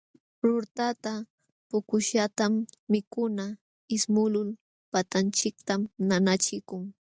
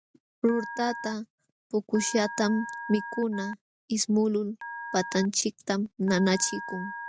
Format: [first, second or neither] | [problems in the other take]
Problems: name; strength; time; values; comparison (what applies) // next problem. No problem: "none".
first | background sound (Telephone); 12 dB below the speech